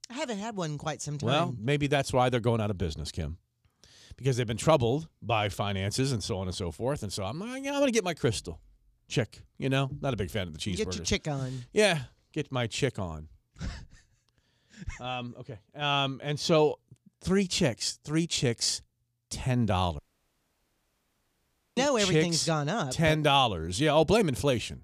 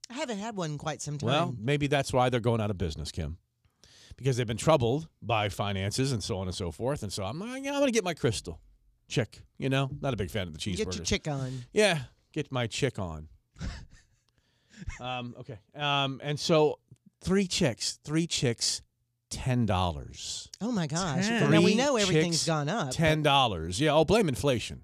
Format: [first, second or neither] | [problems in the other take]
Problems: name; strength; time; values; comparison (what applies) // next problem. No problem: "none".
second | audio cutting out; at 20 s for 2 s